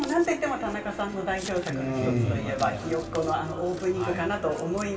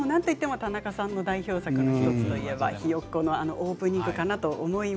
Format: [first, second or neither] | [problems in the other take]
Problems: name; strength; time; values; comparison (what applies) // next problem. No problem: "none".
second | background sound (Scissors); 20 dB below the speech // room echo; dies away in 2.4 s